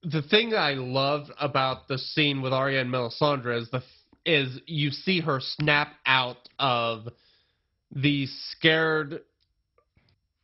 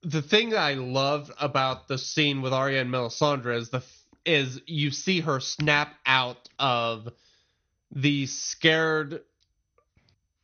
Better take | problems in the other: second | garbled, watery; badly; nothing above 5.5 kHz; slightly in the second

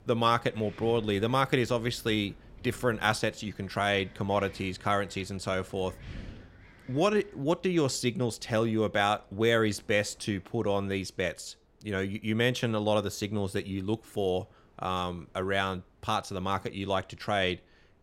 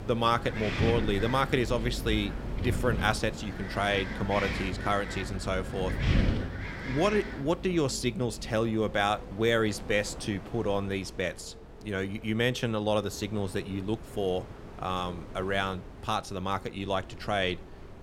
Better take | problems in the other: first | wind in the background; loud; throughout; 6 dB below the speech; faint in the first

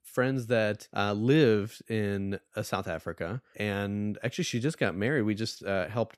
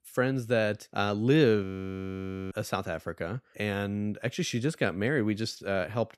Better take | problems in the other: first | audio freezing; at 1.5 s for 1 s

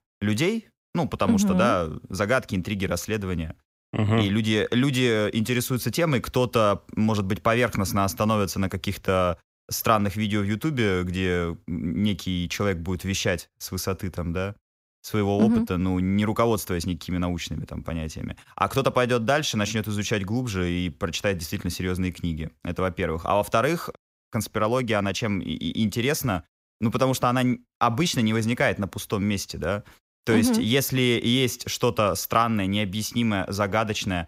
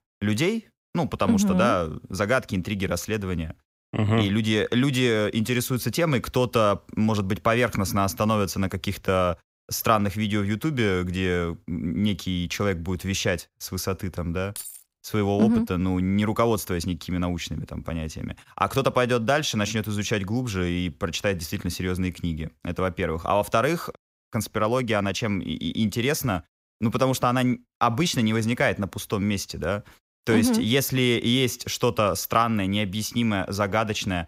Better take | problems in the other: first | jangling keys; faint; at 15 s; peak 10 dB below the speech

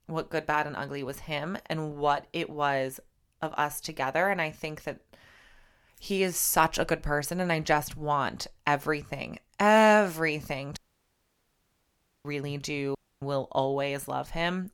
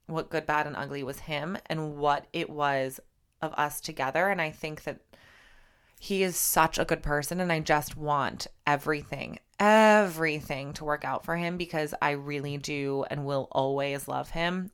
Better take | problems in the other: second | audio cutting out; at 11 s for 1.5 s and at 13 s

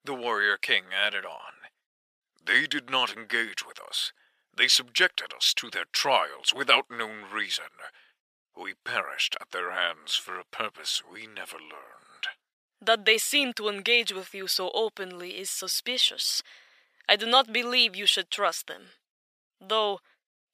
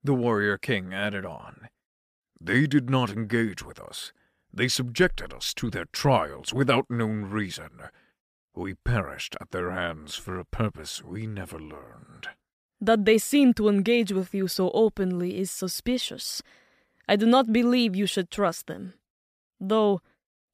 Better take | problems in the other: second | thin; very; fading below 700 Hz

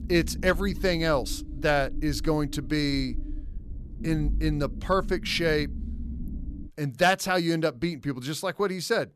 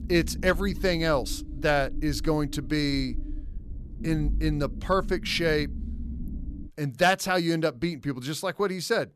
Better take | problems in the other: neither | low rumble; faint; until 6.5 s; 20 dB below the speech; the same in both

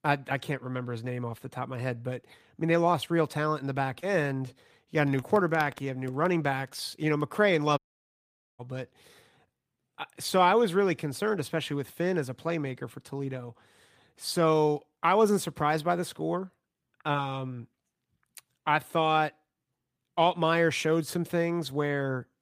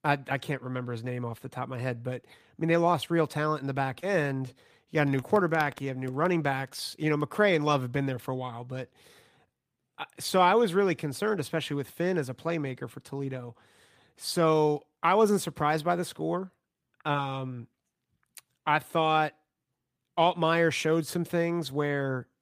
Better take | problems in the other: second | audio cutting out; at 8 s for 1 s

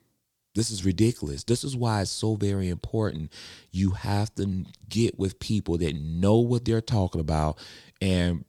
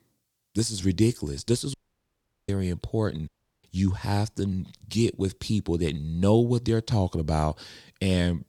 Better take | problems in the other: first | audio cutting out; at 1.5 s for 0.5 s and at 3.5 s

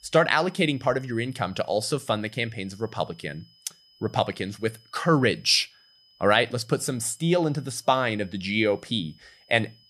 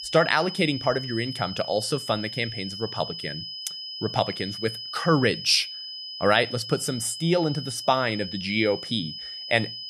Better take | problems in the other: first | high-pitched whine; loud; throughout; 5 kHz, 8 dB below the speech; faint in the first

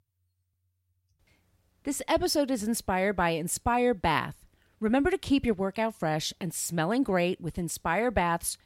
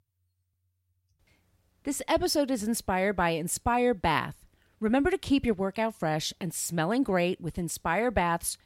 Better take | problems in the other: neither | none

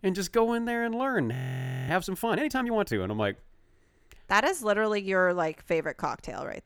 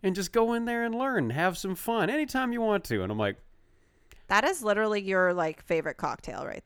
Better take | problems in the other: second | audio freezing; at 1.5 s for 0.5 s

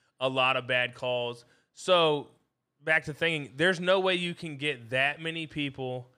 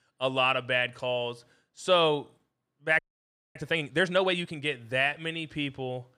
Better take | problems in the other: first | audio freezing; at 3 s for 0.5 s

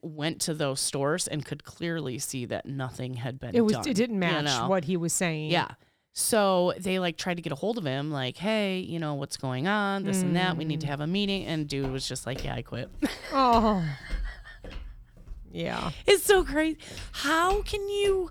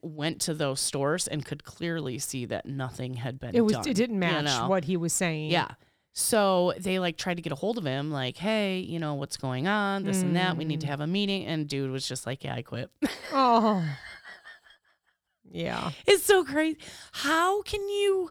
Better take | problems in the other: second | footsteps; faint; from 11 s on; peak 10 dB below the speech

